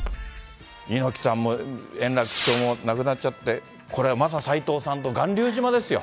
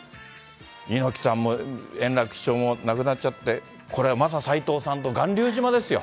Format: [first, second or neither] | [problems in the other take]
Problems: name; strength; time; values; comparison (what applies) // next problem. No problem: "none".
second | background sound (Bass drum + Whoosh, swoosh, swish / Fireworks); 13 dB below the speech